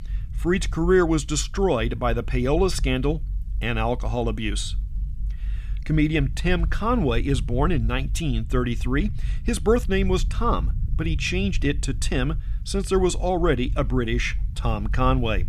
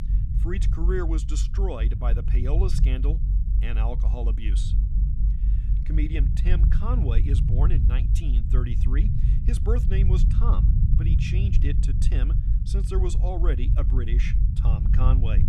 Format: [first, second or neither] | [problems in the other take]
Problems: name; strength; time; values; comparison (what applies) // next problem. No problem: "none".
first | low rumble; loud; throughout; 4 dB below the speech; faint in the first